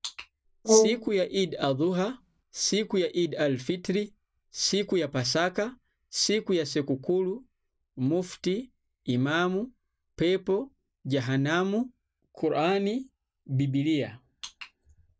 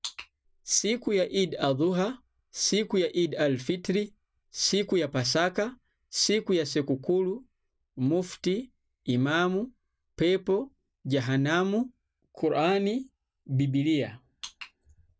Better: second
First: background sound (Brass instrument); 1 dB above the speech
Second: none

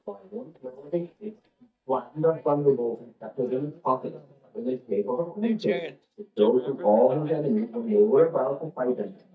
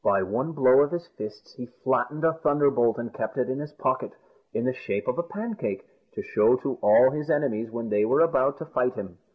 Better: second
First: noise reduction (neural mask model DeepFilterNet 3)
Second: none

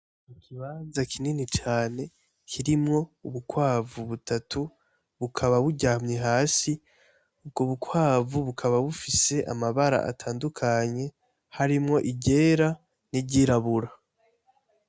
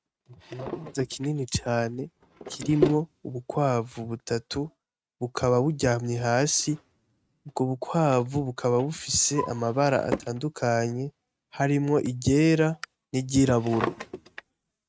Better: first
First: none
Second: noise reduction (neural mask model RNNoise)

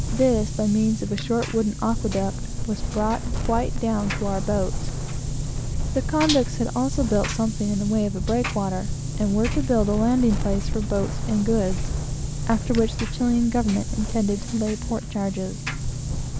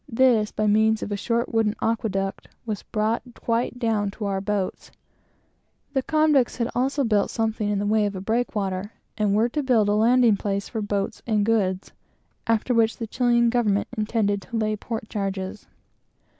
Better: second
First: background sound (Engine + Wind); 2 dB below the speech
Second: none

